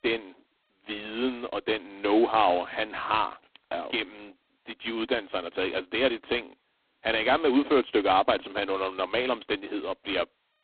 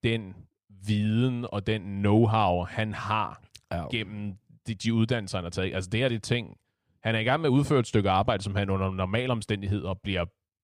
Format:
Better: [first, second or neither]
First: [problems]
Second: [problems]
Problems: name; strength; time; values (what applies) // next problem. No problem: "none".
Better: second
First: phone-call audio; poor line; nothing above 3.5 kHz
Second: none